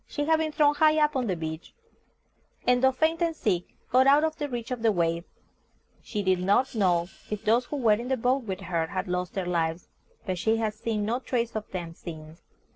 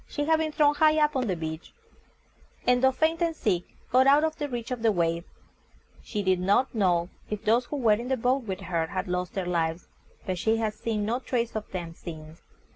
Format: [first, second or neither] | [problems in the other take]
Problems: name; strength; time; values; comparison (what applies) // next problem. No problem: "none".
second | noise reduction (neural separator model SepFormer DNS4)